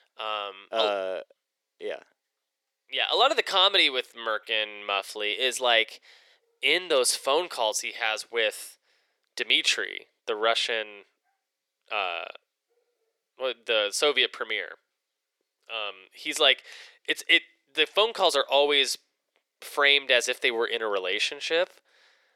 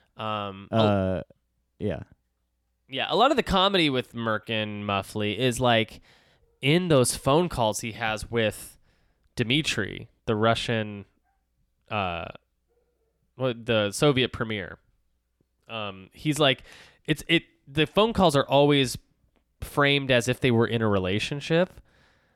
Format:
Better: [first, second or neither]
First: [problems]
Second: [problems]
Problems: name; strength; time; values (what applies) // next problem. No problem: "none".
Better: second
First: thin; very; fading below 450 Hz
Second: none